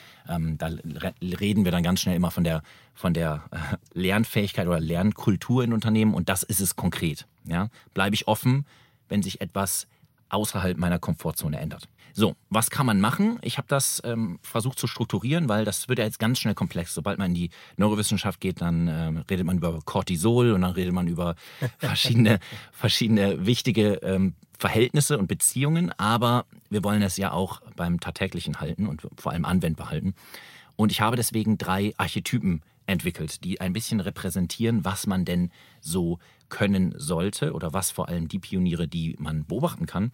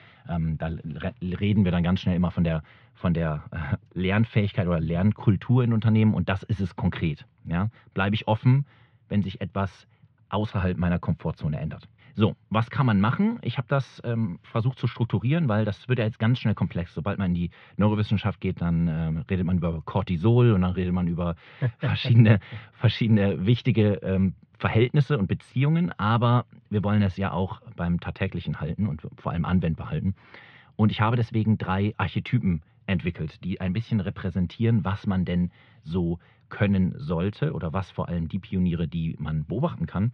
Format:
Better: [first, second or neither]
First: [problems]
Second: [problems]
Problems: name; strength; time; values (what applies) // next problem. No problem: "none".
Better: first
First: none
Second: muffled; very; fading above 3 kHz